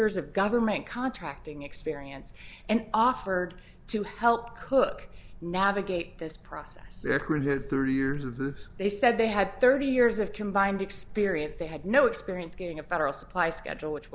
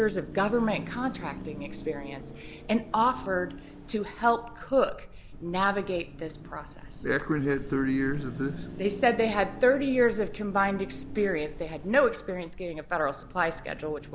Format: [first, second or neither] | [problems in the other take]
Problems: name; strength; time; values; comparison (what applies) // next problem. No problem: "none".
first | background sound (Car passing by / Traffic noise, roadway noise / Engine); 15 dB below the speech